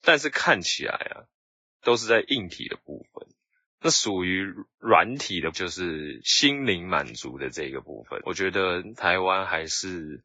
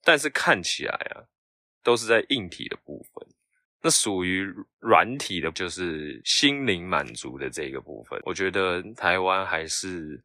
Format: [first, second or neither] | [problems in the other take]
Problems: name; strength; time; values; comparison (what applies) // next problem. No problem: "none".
second | garbled, watery; badly; nothing above 7.5 kHz